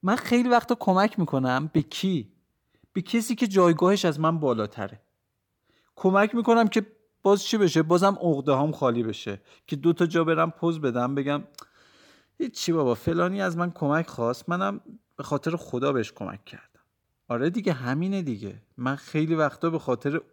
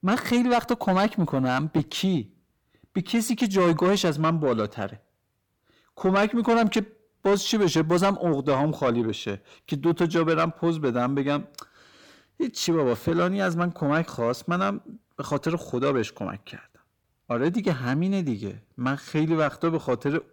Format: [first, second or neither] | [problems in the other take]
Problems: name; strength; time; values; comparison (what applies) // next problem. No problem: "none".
first | distortion; slight; 10 dB below the speech